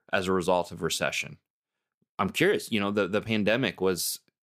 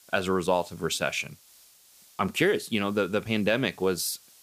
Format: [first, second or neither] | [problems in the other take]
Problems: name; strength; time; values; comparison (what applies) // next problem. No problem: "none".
first | hiss; faint; throughout; 25 dB below the speech